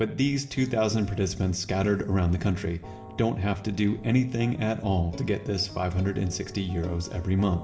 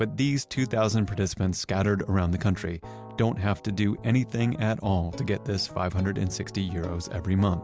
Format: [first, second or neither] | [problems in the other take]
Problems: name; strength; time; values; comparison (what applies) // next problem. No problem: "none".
second | room echo; dies away in 2.5 s